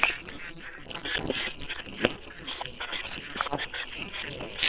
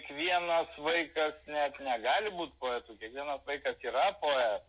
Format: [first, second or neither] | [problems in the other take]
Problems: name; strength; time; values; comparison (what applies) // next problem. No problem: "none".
second | noise reduction (neural separator model SepFormer WHAM!)